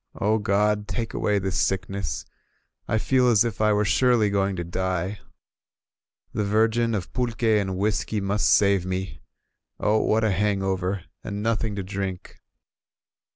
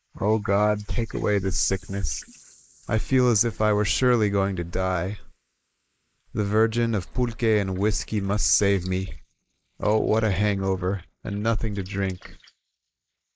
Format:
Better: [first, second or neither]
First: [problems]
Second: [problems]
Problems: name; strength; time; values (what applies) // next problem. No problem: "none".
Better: first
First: none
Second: noise reduction (neural mask model Resemble Enhance denoiser)